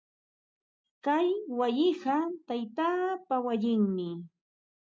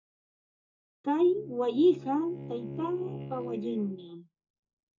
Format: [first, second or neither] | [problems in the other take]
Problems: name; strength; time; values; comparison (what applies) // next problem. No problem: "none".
first | noise reduction (neural mask model DeepFilterNet 3)